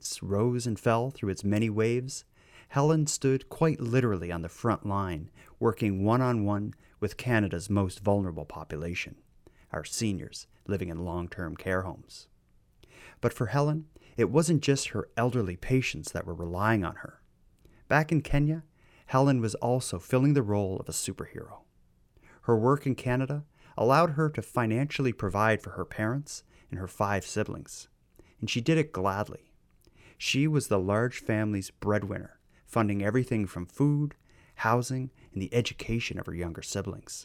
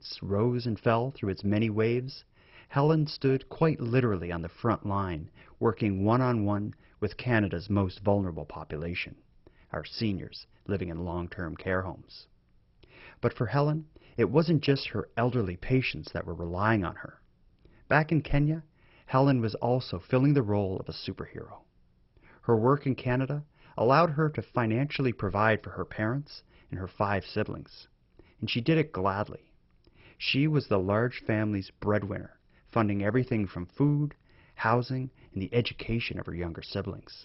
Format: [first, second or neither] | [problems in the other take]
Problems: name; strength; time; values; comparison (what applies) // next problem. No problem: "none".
first | garbled, watery; badly; nothing above 5.5 kHz